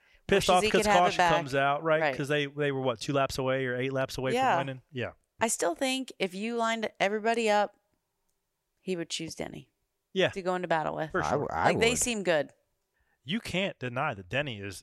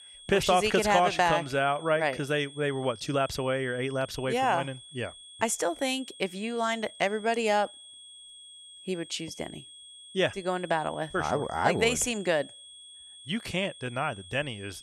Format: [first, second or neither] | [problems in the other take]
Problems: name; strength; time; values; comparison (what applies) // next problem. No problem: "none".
first | high-pitched whine; noticeable; throughout; 3.5 kHz, 20 dB below the speech